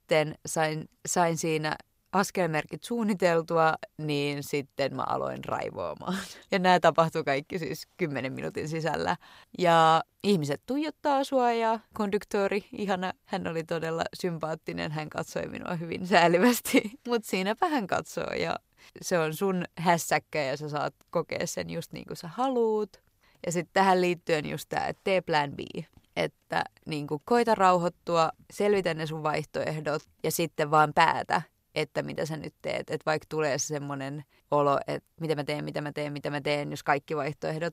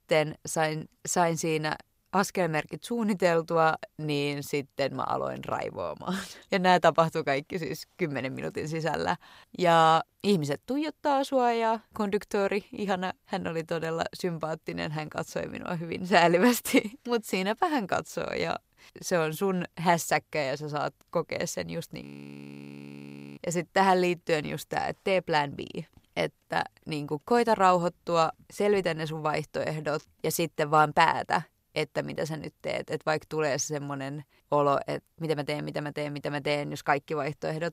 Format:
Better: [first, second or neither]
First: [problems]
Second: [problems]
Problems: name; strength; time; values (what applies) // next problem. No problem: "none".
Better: first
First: none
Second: audio freezing; at 22 s for 1.5 s